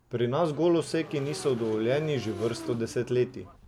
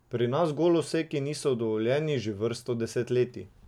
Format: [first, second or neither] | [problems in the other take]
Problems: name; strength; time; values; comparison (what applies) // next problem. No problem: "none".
second | background sound (Motorcycle / Engine); 14 dB below the speech